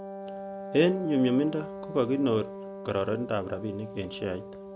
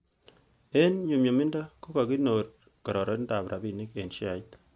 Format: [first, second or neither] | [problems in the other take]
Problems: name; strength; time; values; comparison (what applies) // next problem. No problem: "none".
second | background sound (Wind instrument, woodwind instrument); 11 dB below the speech